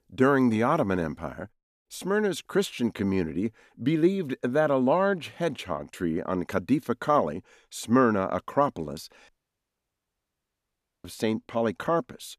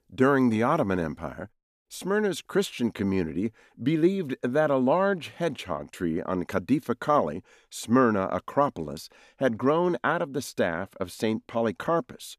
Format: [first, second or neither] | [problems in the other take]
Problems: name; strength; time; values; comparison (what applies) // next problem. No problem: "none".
second | audio cutting out; at 9.5 s for 2 s